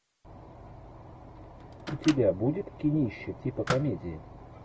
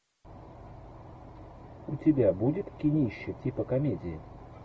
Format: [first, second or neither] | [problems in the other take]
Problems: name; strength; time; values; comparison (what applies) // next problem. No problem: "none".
second | background sound (Microwave oven); 11 dB below the speech